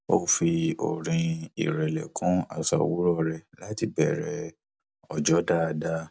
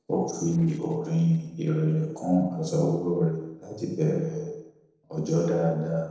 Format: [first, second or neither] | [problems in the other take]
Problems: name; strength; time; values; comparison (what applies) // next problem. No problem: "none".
first | noise reduction (neural separator model SepFormer DNS4)